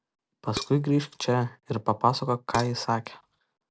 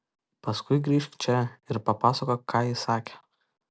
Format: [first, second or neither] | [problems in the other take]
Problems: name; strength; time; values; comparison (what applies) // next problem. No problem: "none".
second | background sound (Dishes, pots, and pans); 13 dB below the speech